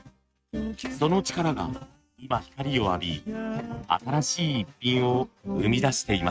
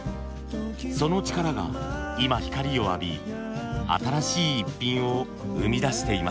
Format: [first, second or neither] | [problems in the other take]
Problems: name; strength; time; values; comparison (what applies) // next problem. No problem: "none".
second | noise reduction (neural mask model RNNoise)